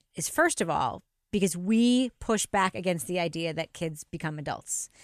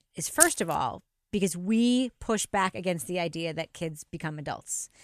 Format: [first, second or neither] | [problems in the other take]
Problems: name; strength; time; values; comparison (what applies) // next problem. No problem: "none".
first | jangling keys; loud; at 0.5 s; peak 6 dB above the speech